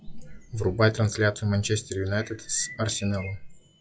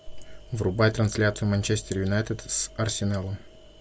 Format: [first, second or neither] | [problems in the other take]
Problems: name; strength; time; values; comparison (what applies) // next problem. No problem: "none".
second | noise reduction (classical method log-MMSE)